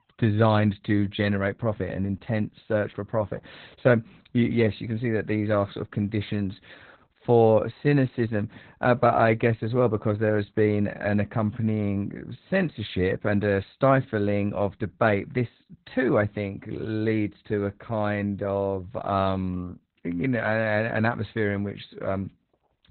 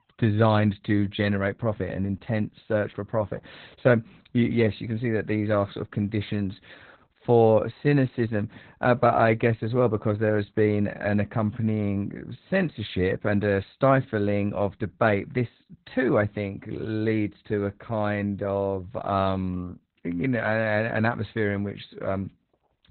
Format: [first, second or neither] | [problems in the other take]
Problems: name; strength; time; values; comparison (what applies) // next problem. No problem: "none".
neither | garbled, watery; badly; nothing above 4 kHz; the same in both